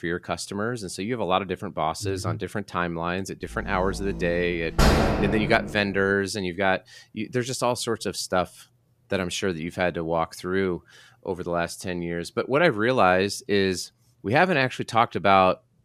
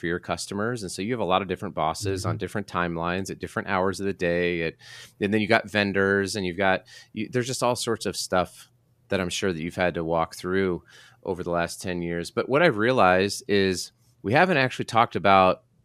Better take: second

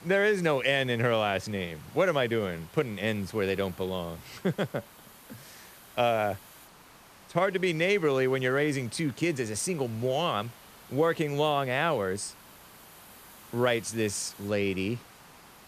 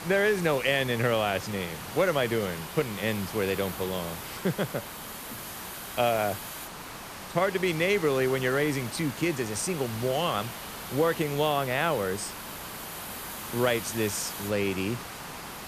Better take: first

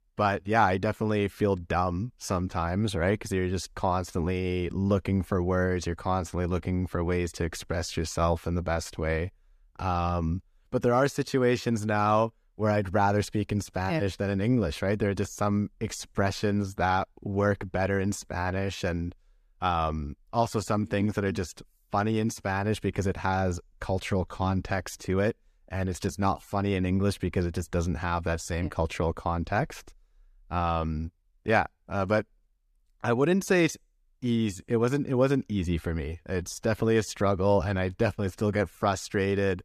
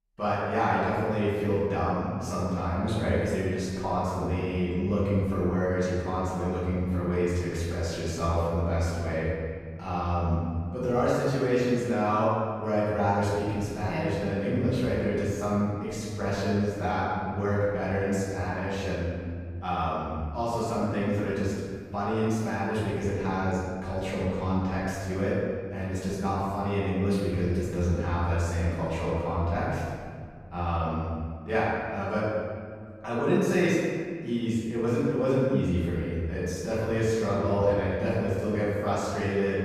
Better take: first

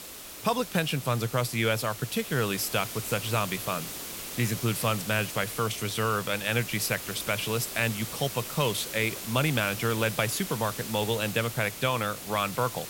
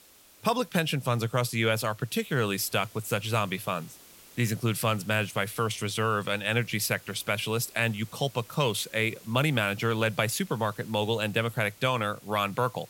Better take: second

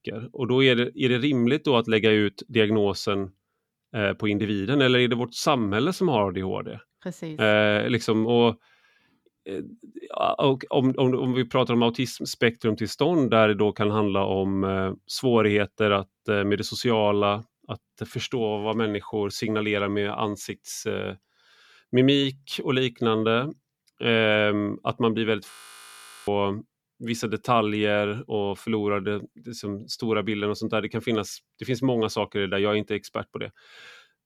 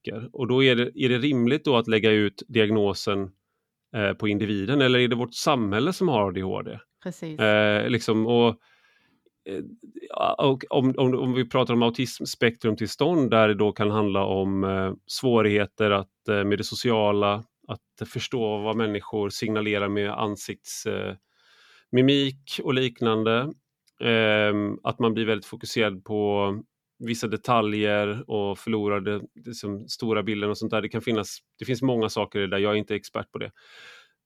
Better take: second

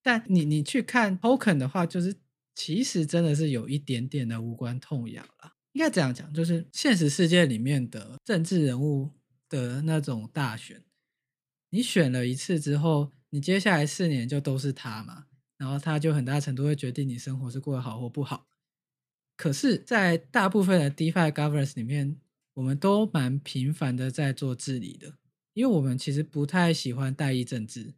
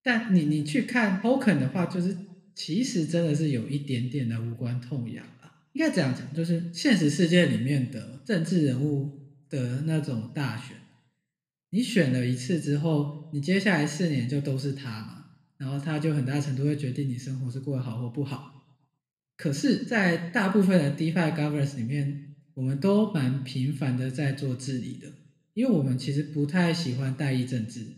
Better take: first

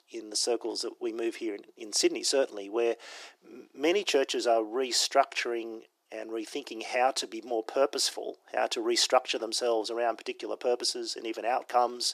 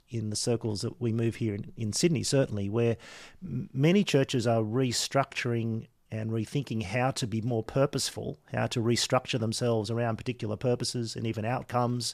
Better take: second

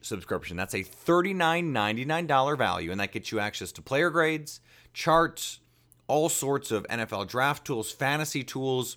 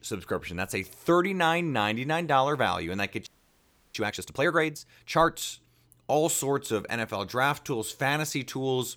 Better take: first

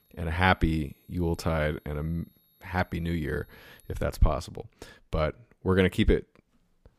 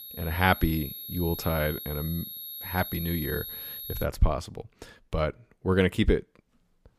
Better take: first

